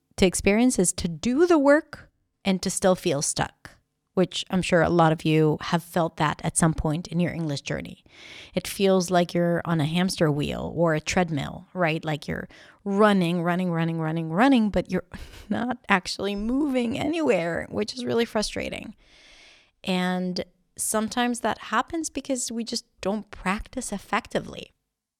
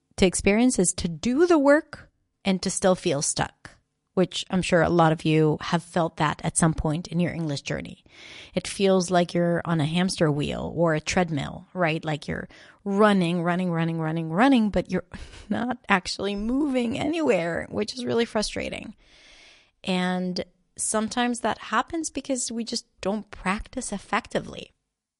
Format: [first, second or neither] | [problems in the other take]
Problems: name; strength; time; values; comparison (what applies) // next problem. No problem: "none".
first | garbled, watery; slightly; nothing above 10.5 kHz